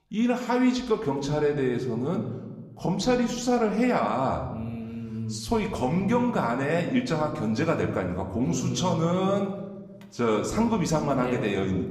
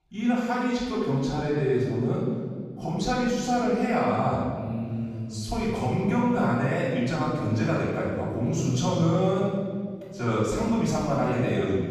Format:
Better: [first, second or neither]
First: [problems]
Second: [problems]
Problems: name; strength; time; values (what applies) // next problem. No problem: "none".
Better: first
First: room echo; slight; dies away in 1 s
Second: room echo; strong; dies away in 1.9 s // off-mic speech; far